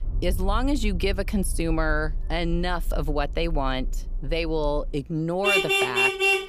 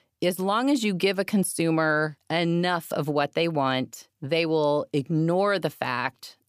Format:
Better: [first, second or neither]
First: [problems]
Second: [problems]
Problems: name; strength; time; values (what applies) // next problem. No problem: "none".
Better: second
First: traffic noise; very loud; throughout; 1 dB above the speech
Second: none